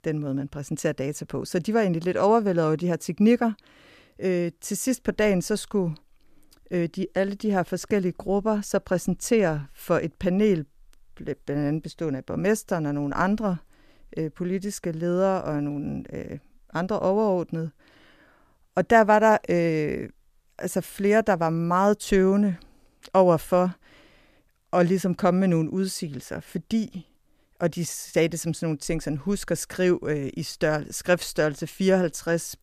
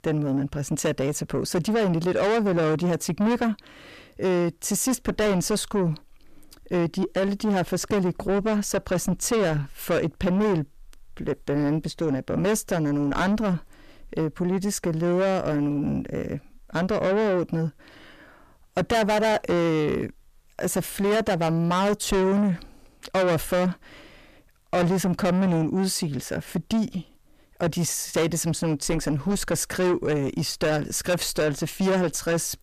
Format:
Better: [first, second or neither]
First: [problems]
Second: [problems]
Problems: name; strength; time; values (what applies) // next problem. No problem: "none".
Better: first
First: none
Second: distortion; heavy; 6 dB below the speech